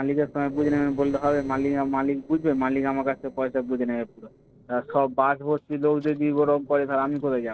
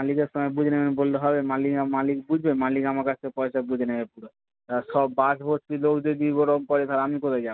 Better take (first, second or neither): second